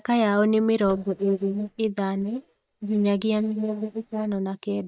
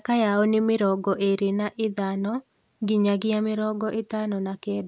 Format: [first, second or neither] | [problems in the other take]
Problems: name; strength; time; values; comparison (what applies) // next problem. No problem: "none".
second | noise reduction (neural mask model DeepFilterNet 3)